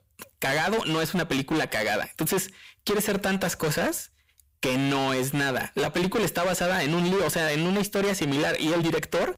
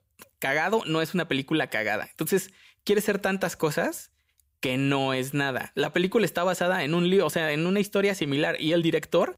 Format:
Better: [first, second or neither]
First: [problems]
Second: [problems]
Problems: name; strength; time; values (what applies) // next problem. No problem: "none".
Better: second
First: distortion; heavy; 29% of the sound clipped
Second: none